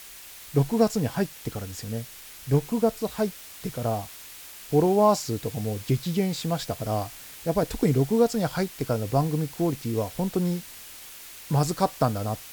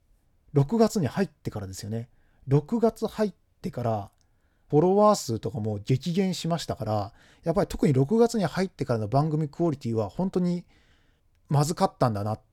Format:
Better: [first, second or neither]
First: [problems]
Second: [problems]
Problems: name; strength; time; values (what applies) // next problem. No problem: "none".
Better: second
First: hiss; noticeable; throughout; 15 dB below the speech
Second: none